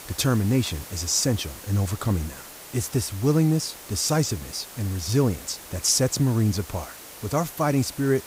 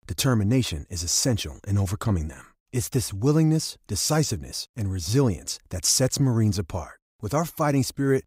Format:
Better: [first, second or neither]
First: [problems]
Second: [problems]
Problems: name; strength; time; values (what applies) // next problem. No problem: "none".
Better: second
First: hiss; noticeable; throughout; 15 dB below the speech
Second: none